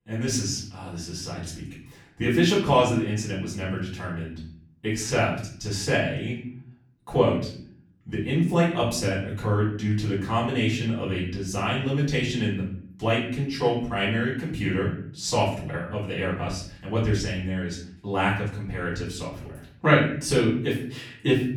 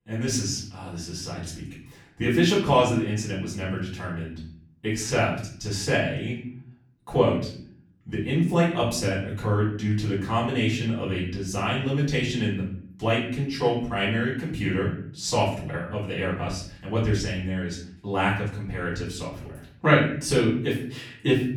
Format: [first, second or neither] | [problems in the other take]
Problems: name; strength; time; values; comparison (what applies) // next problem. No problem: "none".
neither | off-mic speech; far; the same in both // room echo; noticeable; dies away in 0.6 s; the same in both